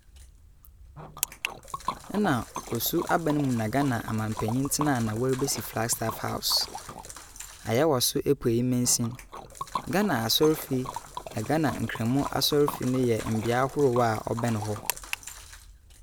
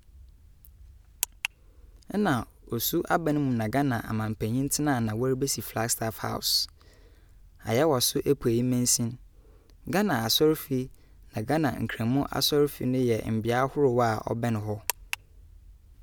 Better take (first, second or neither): second